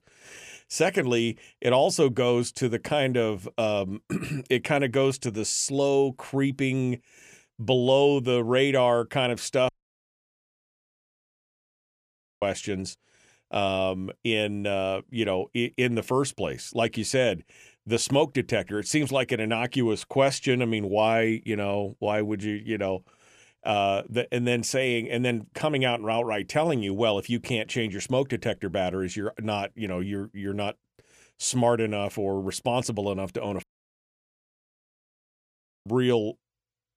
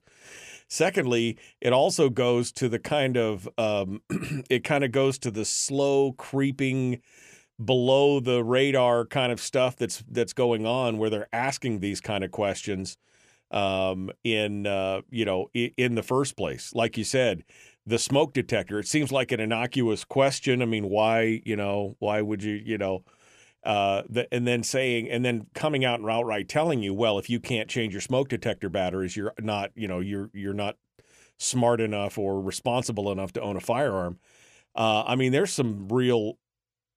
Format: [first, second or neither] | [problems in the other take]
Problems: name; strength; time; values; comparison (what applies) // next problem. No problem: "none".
second | audio cutting out; at 9.5 s for 2.5 s and at 34 s for 2 s